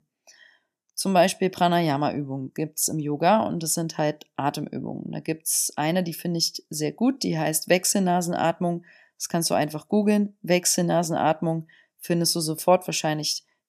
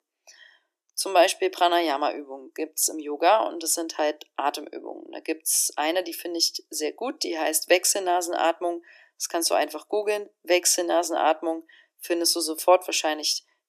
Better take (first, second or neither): first